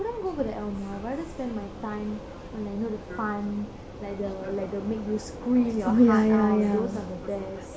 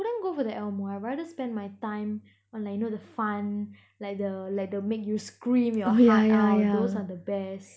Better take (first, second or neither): second